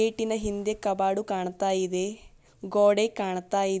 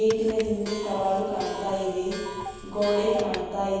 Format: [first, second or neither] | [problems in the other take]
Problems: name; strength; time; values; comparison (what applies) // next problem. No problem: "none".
first | background sound (Clock); 11 dB below the speech // room echo; dies away in 1.2 s